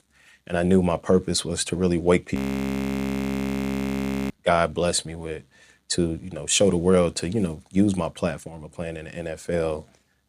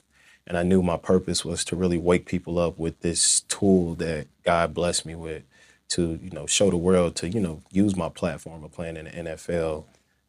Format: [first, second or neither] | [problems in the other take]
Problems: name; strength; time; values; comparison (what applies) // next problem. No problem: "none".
second | audio freezing; at 2.5 s for 2 s